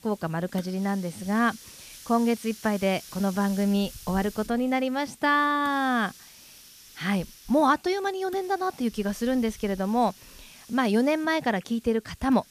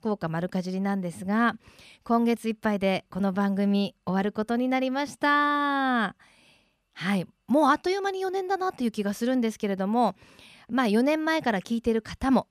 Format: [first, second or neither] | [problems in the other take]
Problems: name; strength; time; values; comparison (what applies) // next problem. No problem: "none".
second | hiss; noticeable; throughout; 20 dB below the speech